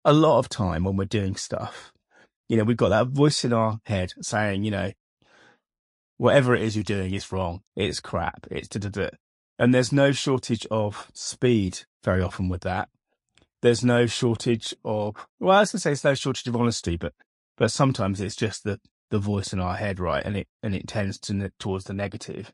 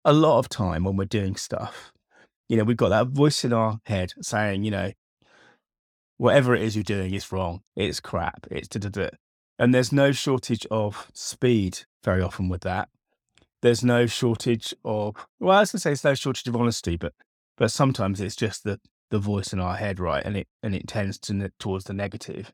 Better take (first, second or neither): second